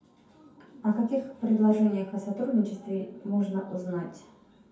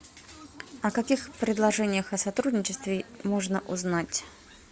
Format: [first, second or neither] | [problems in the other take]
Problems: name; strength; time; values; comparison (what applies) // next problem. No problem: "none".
second | room echo; dies away in 0.6 s